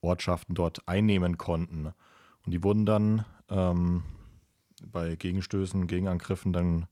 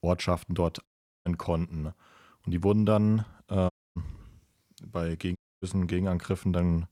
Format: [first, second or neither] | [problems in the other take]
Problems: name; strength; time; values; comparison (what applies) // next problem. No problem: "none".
first | audio cutting out; at 1 s, at 3.5 s and at 5.5 s